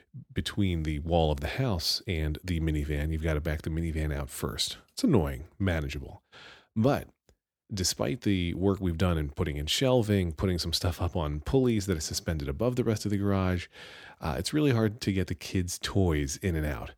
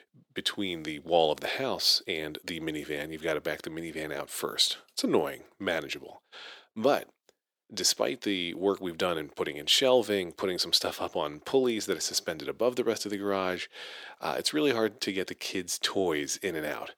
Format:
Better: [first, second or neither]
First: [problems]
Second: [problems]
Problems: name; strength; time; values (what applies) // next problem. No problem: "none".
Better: first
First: none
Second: thin; somewhat; fading below 450 Hz